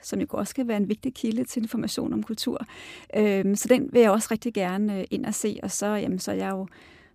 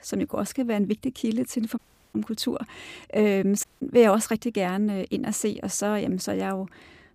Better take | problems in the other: first | audio cutting out; at 2 s and at 3.5 s

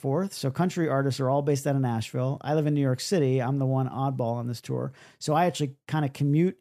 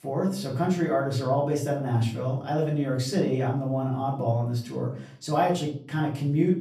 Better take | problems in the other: first | off-mic speech; far // room echo; slight; dies away in 0.4 s

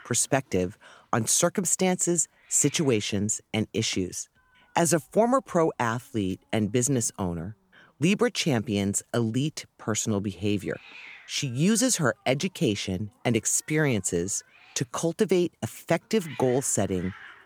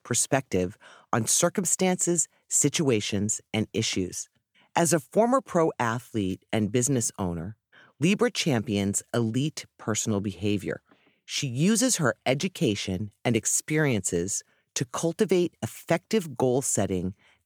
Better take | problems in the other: second | hiss; faint; throughout; 25 dB below the speech

